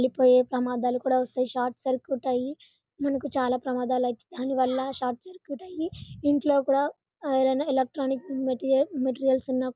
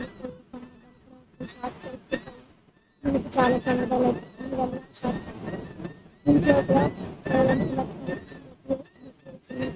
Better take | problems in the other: first | noise reduction (neural mask model RNNoise)

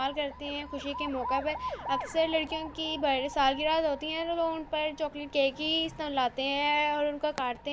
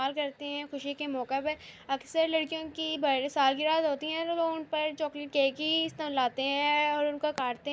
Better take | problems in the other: second | background sound (Alarm); 12 dB below the speech

